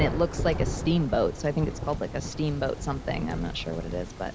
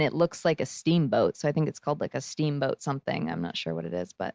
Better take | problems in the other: second | background sound (Thunder); 4 dB below the speech

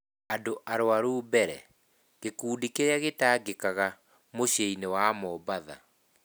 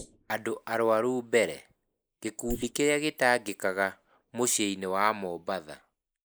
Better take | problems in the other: first | noise reduction (neural mask model Resemble Enhance denoiser)

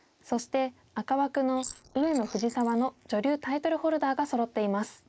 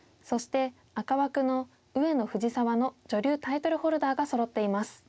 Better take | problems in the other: second | noise reduction (neural mask model Resemble Enhance denoiser)

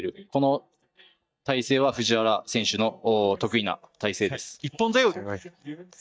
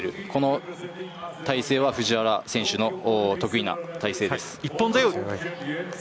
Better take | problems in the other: second | noise reduction (neural mask model DeepFilterNet 3)

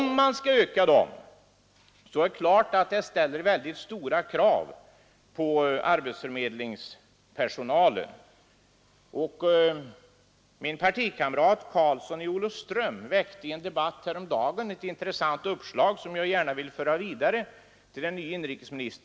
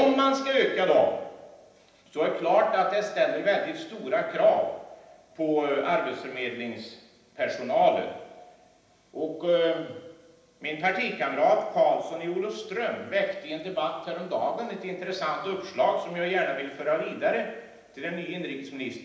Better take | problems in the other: first | room echo; dies away in 0.9 s

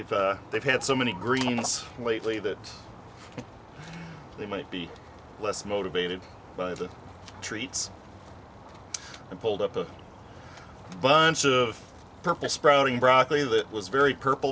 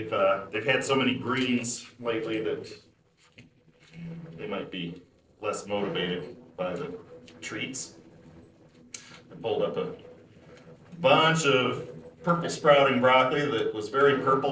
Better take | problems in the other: first | noise reduction (neural separator model SepFormer DNS4)

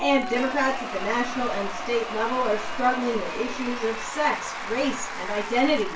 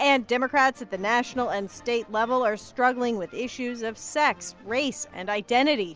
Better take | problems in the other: second | background sound (Applause / Crowd / Cheering); 7 dB below the speech // room echo; dies away in 0.2 s

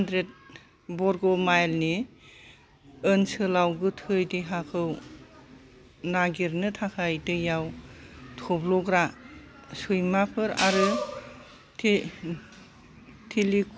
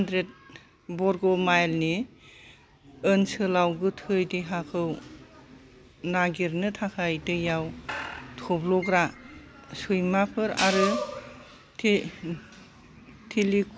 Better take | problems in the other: first | background sound (Squeak / Screech); 15 dB below the speech

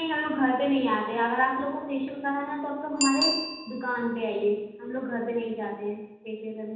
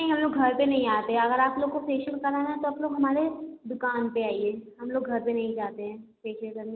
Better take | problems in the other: second | background sound (Bicycle bell); 9 dB below the speech // room echo; dies away in 0.9 s

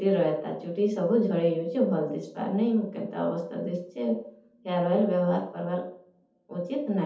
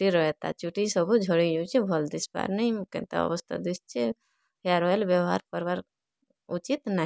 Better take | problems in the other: second | room echo; dies away in 0.6 s

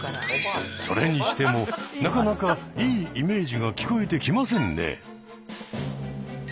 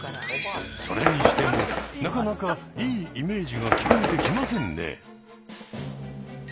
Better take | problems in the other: first | background sound (Bird); 2 dB above the speech

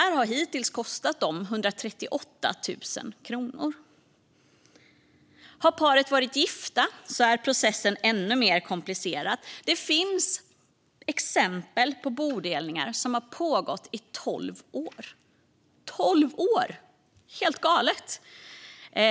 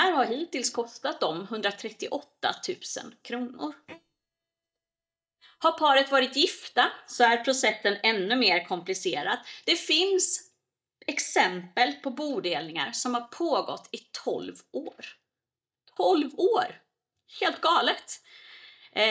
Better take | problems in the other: first | noise reduction (neural mask model DeepFilterNet 3)

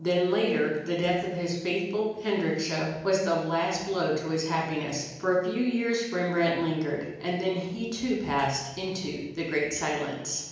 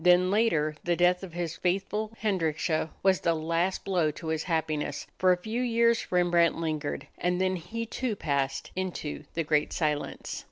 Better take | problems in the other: second | room echo; dies away in 1 s

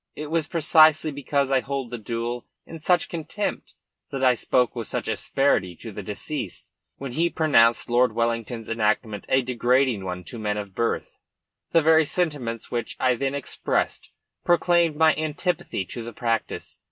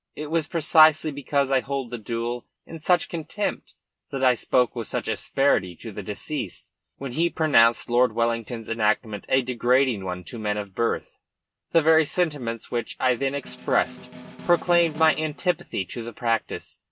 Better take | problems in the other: first | background sound (Snare drum); 16 dB below the speech

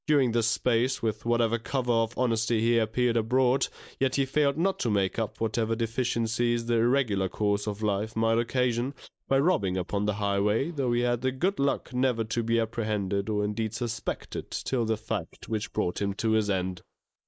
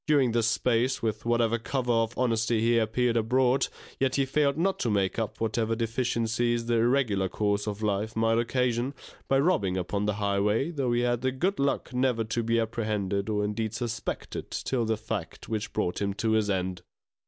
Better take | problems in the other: second | noise reduction (neural mask model Resemble Enhance denoiser)

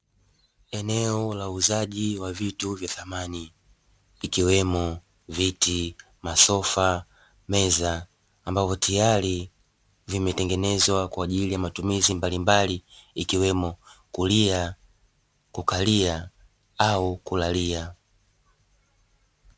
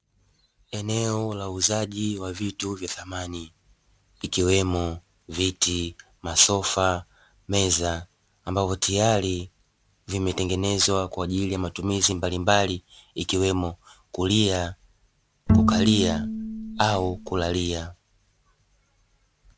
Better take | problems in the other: first | background sound (Bowed string instrument); 2 dB above the speech

